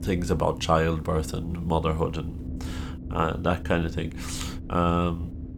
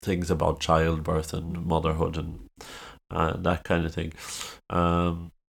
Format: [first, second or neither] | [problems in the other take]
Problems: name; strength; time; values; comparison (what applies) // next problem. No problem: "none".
second | low rumble; noticeable; throughout; 20 dB below the speech